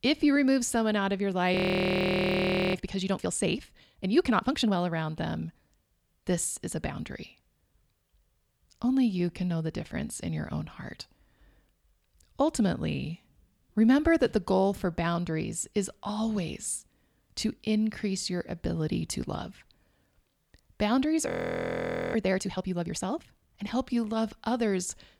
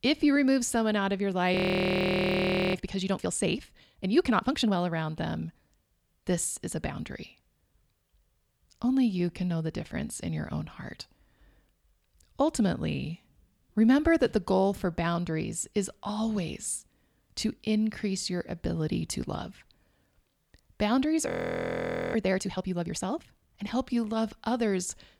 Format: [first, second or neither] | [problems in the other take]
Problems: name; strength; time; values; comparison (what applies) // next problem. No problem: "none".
neither | audio freezing; at 1.5 s for 1 s and at 21 s for 1 s; the same in both